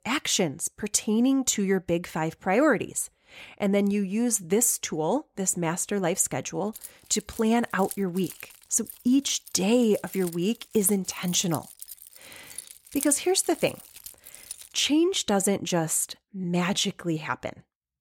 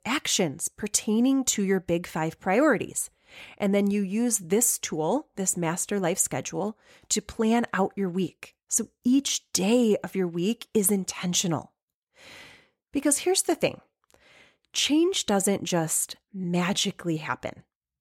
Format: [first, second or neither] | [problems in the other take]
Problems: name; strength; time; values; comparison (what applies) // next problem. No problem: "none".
second | jangling keys; noticeable; from 7 to 15 s; peak 9 dB below the speech